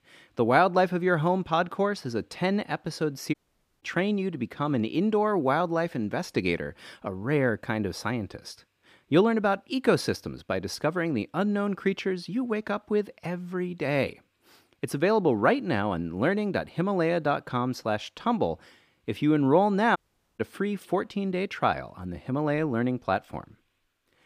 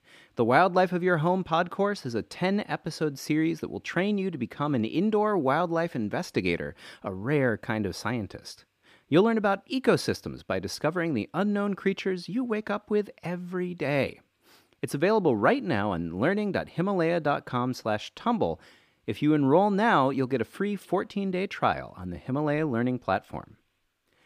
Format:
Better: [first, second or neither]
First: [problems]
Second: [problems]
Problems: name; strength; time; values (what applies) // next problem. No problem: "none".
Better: second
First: audio cutting out; at 3.5 s and at 20 s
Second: none